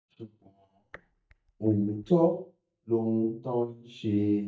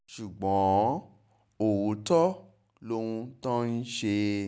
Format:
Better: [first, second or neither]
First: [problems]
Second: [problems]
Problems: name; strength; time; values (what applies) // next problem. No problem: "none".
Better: second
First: noise reduction (neural mask model DeepFilterNet 3)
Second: none